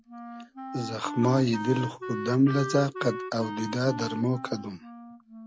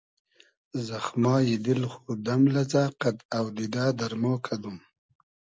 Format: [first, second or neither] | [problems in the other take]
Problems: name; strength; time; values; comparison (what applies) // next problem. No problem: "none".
second | background sound (Wind instrument, woodwind instrument); 9 dB below the speech